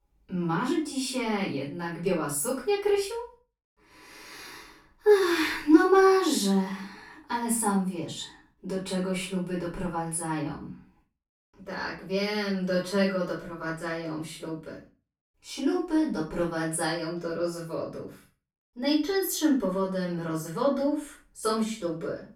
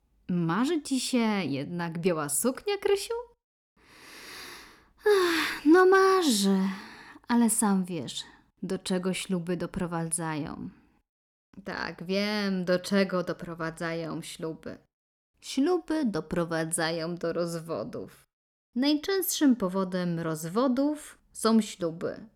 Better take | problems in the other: second | off-mic speech; far // room echo; slight; dies away in 0.3 s

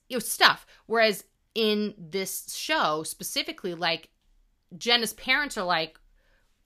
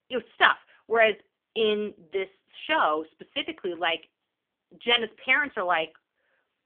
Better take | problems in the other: first | phone-call audio; poor line; nothing above 3.5 kHz

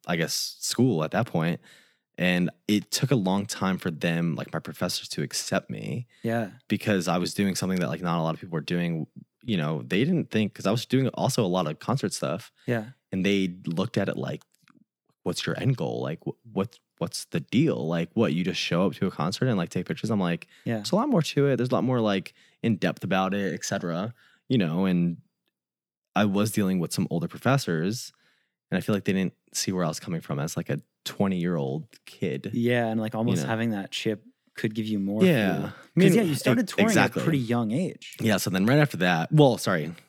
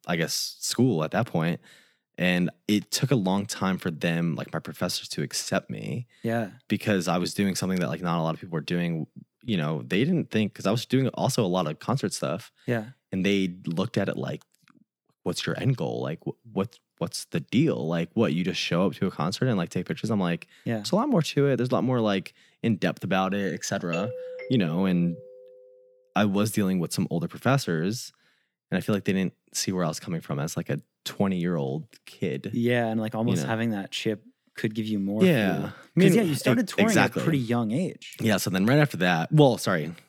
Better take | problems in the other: first | doorbell; noticeable; from 24 to 25 s; peak 7 dB below the speech

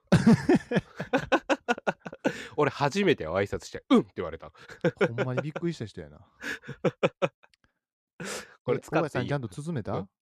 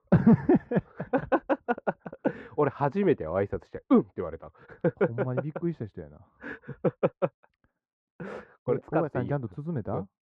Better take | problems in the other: first | muffled; very; fading above 3 kHz

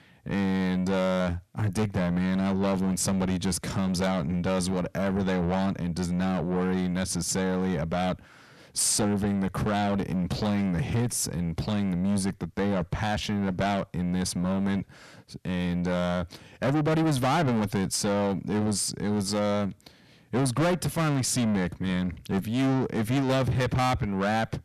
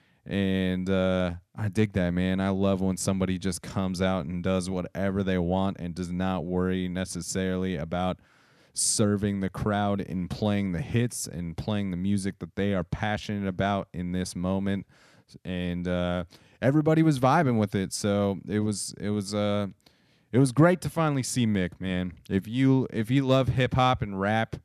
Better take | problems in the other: second | distortion; heavy; 6 dB below the speech

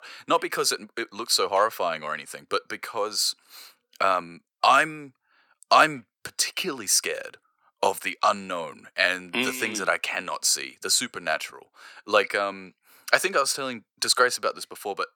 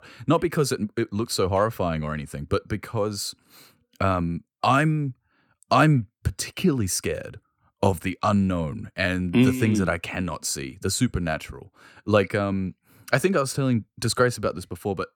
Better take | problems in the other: second | thin; very; fading below 650 Hz

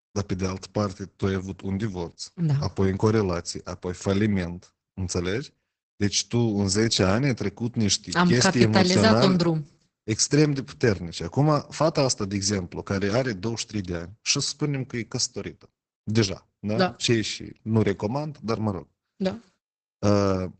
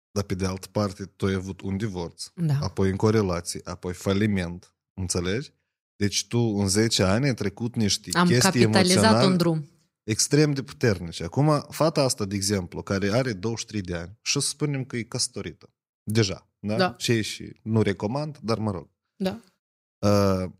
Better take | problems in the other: second | garbled, watery; badly; nothing above 8 kHz

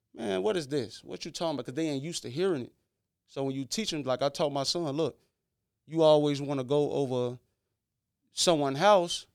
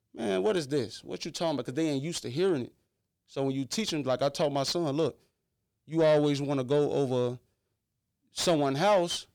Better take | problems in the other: first | distortion; slight; 10 dB below the speech

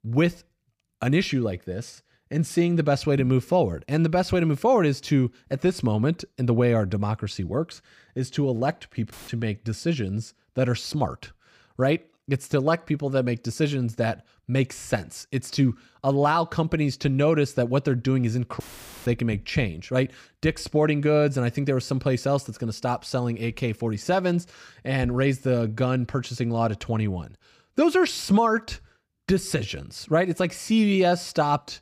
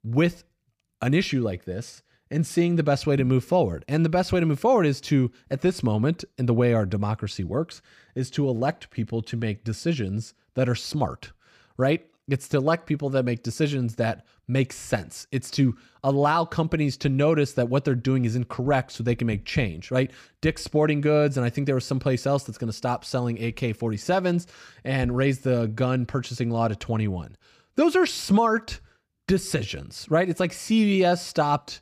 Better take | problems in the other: second | audio cutting out; filled with static; at 9 s and at 19 s

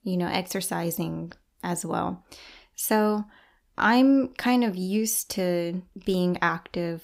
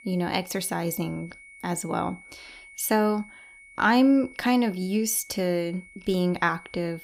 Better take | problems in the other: first | high-pitched whine; faint; throughout; 2 kHz, 20 dB below the speech

